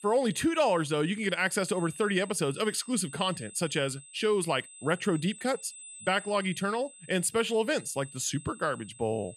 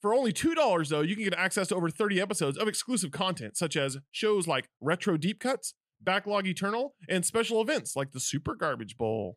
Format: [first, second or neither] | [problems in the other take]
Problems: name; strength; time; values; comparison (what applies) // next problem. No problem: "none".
second | high-pitched whine; noticeable; throughout; 8 kHz, 15 dB below the speech